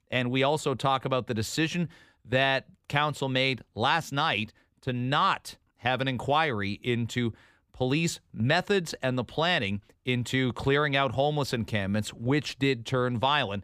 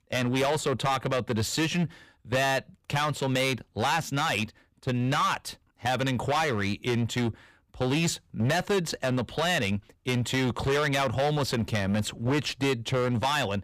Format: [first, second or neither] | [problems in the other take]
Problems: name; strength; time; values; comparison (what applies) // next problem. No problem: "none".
first | distortion; heavy; 13% of the sound clipped